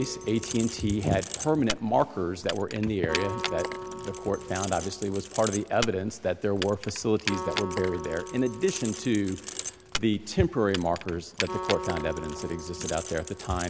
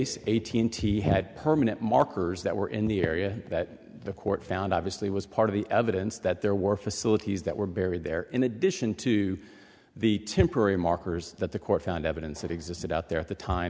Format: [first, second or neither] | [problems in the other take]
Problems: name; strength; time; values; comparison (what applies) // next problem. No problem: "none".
second | background sound (Keys jangling + Acoustic guitar); 8 dB below the speech